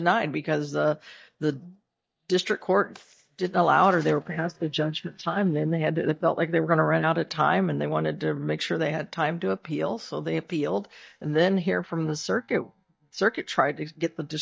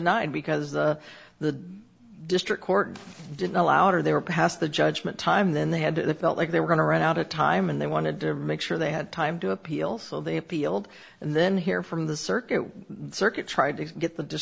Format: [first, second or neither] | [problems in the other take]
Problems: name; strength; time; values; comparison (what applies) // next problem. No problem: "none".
second | noise reduction (neural mask model DeepFilterNet 3)